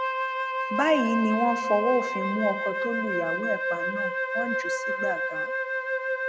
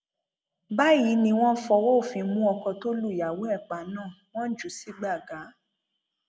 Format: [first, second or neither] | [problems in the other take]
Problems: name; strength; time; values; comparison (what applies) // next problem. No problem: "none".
second | background sound (Wind instrument, woodwind instrument); as loud as the speech